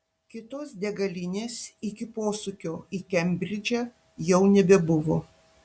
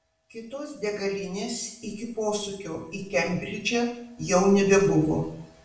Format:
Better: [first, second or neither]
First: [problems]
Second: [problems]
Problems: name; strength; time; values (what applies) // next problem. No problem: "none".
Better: first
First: none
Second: room echo; dies away in 0.6 s